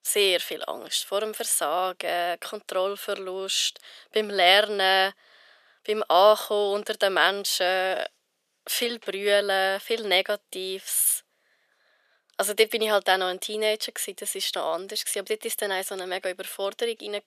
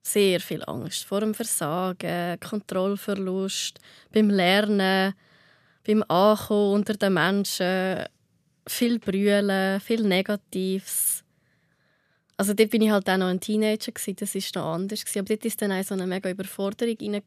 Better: second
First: thin; very; fading below 450 Hz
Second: none

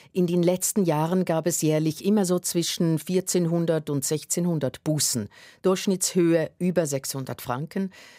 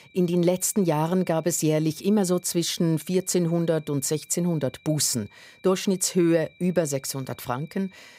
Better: first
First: none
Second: high-pitched whine; faint; throughout; 2.5 kHz, 30 dB below the speech

